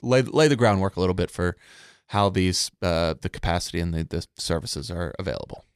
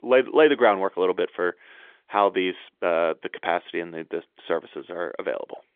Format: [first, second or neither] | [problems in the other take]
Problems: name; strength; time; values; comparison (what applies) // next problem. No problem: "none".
first | phone-call audio; nothing above 3.5 kHz